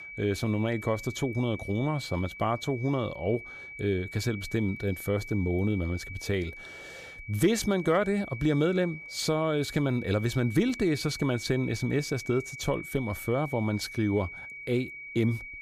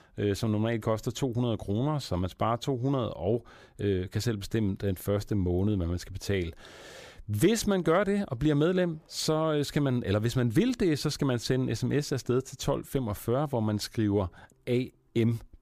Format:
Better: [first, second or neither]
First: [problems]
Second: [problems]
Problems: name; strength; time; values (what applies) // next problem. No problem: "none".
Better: second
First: high-pitched whine; noticeable; throughout; 2.5 kHz, 10 dB below the speech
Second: none